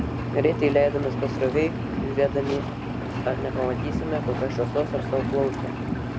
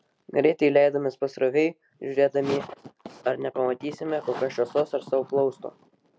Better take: second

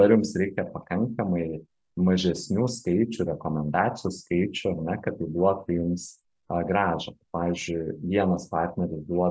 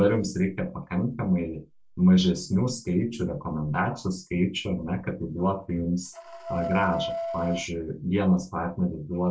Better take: first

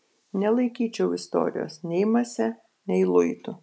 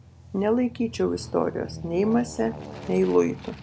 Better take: first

